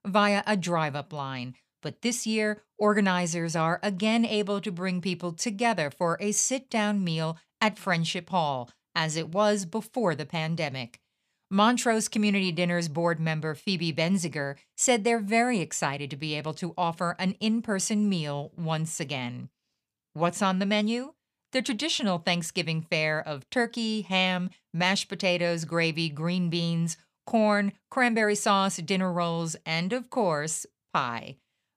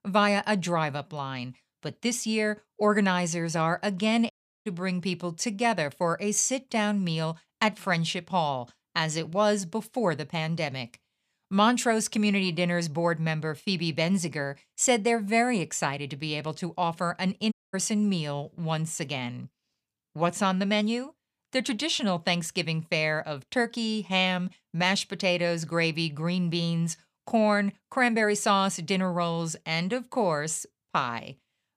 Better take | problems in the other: first | audio cutting out; at 4.5 s and at 18 s

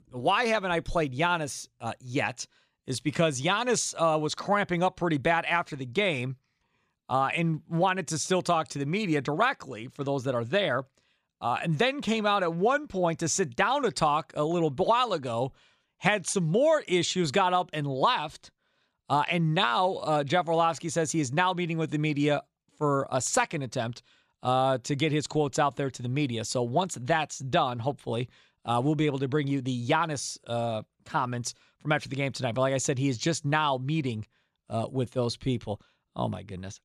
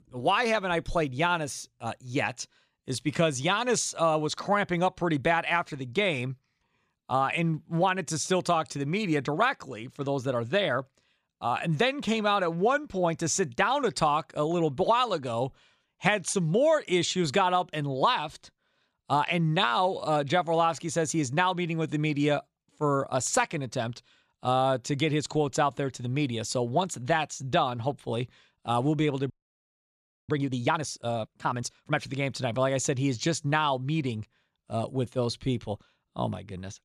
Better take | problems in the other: first | audio freezing; at 29 s for 1 s

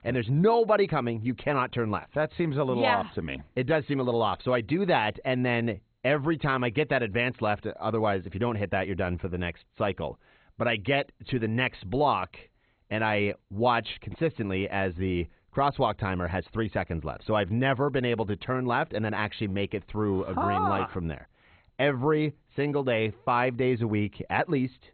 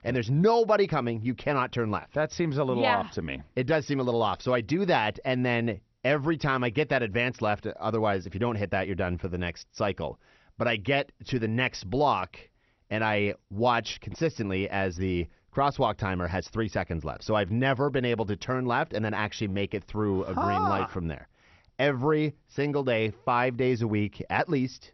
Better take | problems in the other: second | garbled, watery; badly; nothing above 4 kHz; slightly in the second

